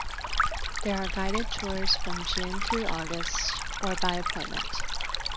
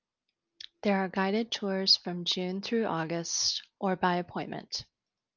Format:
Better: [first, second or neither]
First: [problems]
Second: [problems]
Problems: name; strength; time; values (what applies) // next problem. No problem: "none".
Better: second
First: background sound (Stream); 4 dB above the speech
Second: none